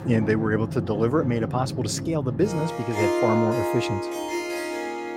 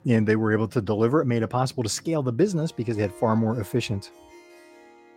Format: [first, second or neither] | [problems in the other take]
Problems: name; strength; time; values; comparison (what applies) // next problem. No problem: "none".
second | background music; loud; throughout; 3 dB below the speech; faint in the second